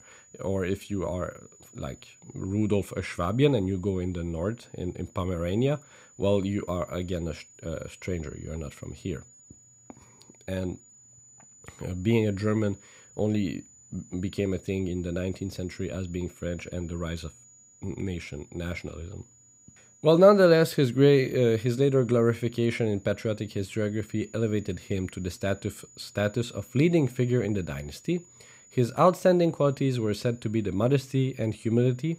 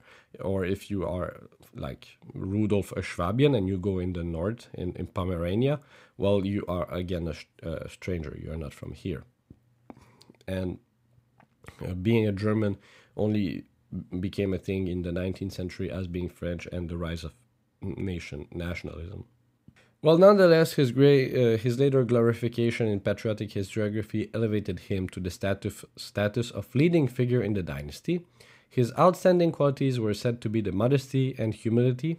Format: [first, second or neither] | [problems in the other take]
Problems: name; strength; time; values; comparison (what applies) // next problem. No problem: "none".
second | high-pitched whine; faint; throughout; 7 kHz, 25 dB below the speech